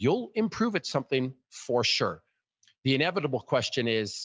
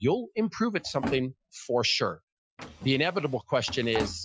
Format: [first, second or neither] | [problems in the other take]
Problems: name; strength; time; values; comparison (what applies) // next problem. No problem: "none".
first | noise reduction (classical method Wiener filter)